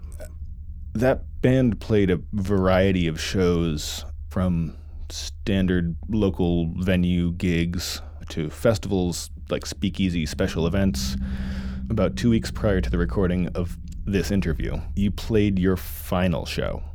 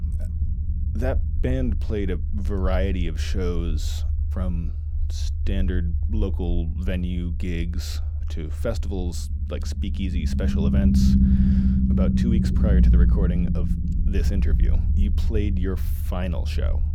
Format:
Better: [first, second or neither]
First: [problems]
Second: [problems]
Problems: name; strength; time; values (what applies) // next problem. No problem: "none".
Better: first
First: low rumble; faint; throughout; 20 dB below the speech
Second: low rumble; loud; throughout; 2 dB below the speech